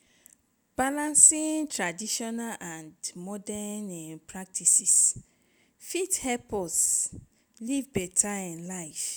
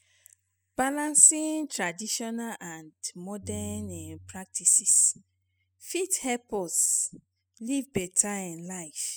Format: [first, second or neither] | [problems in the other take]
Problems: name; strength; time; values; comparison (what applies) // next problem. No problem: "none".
first | noise reduction (classical method spectral subtraction)